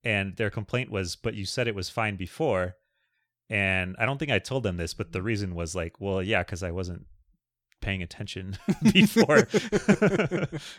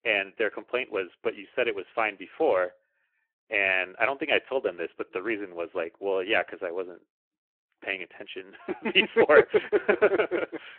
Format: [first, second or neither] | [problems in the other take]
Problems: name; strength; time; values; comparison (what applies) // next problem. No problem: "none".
first | phone-call audio